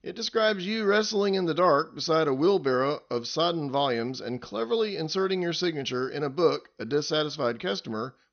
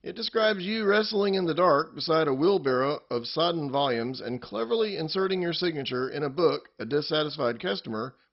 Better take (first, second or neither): first